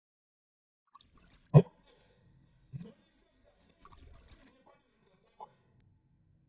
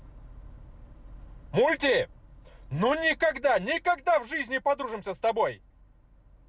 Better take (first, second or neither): second